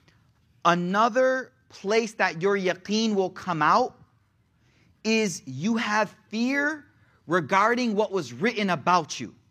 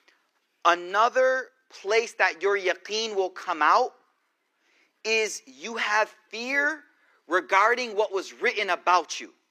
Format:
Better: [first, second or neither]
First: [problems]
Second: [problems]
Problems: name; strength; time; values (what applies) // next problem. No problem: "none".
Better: first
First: none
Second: thin; very; fading below 350 Hz